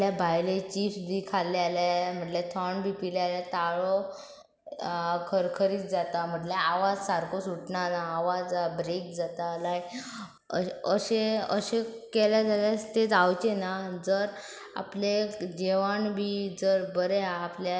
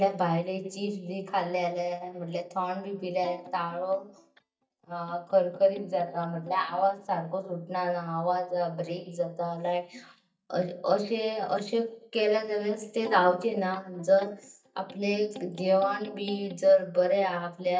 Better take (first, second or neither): first